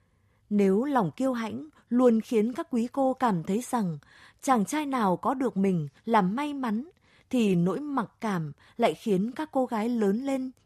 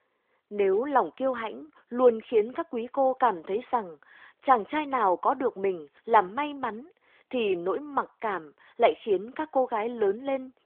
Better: first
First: none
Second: phone-call audio; nothing above 3.5 kHz

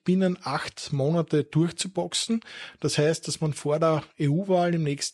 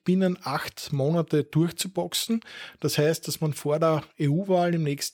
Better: second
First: garbled, watery; slightly; nothing above 10 kHz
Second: none

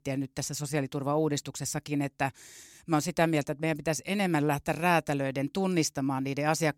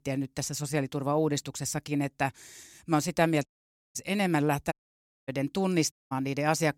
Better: first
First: none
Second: audio cutting out; at 3.5 s, at 4.5 s for 0.5 s and at 6 s

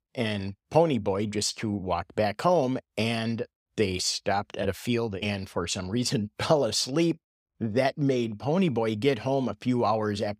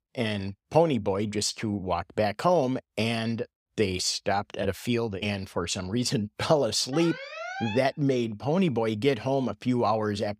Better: first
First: none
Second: alarm; noticeable; at 7 s; peak 7 dB below the speech

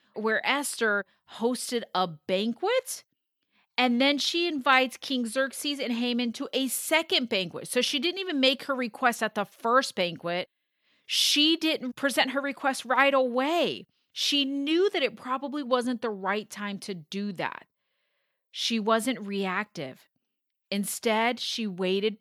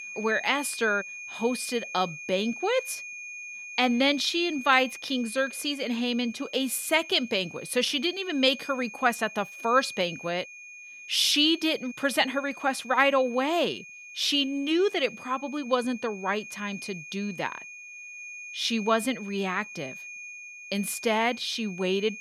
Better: first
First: none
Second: high-pitched whine; noticeable; throughout; 2.5 kHz, 15 dB below the speech

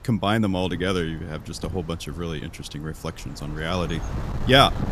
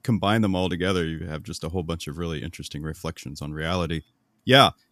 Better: second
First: wind noise on the microphone; occasional gusts; 20 dB below the speech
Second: none

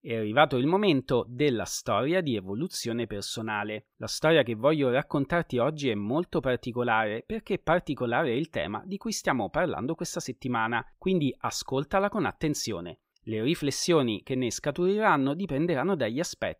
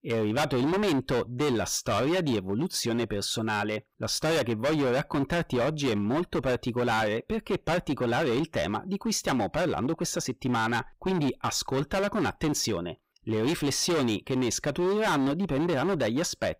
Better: first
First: none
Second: distortion; heavy; 21% of the sound clipped

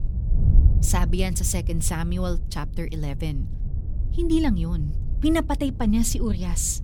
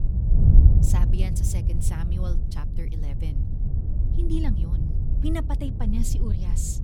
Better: first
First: wind noise on the microphone; occasional gusts; 15 dB below the speech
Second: wind noise on the microphone; heavy; 2 dB below the speech

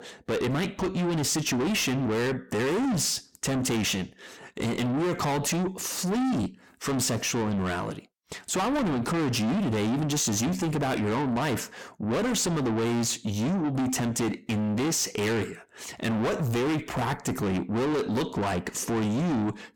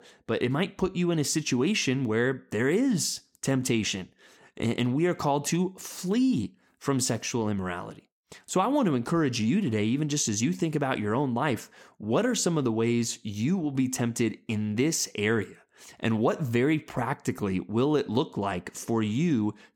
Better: second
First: distortion; heavy; 6 dB below the speech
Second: none

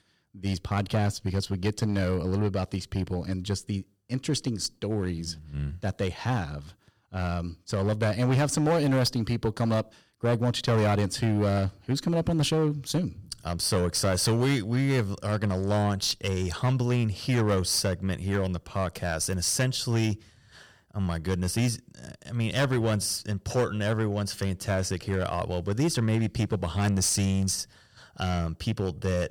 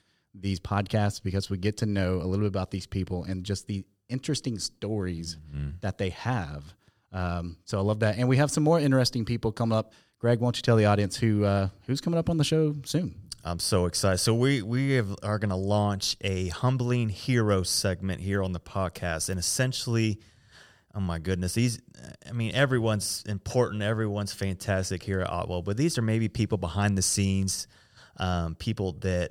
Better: second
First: distortion; slight; 7% of the sound clipped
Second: none

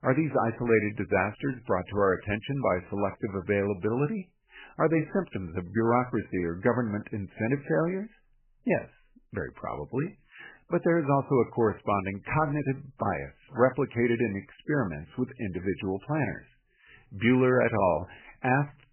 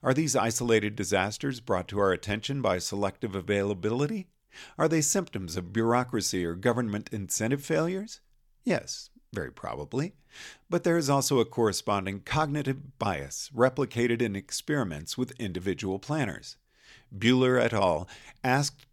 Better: second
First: garbled, watery; badly; nothing above 2.5 kHz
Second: none

